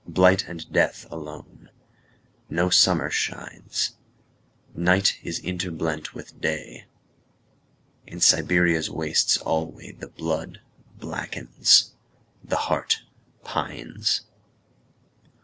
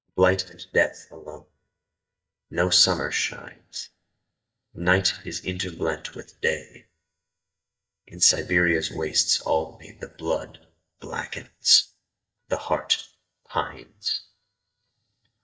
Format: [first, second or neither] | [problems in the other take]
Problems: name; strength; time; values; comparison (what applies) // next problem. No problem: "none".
first | noise reduction (neural mask model DeepFilterNet 3)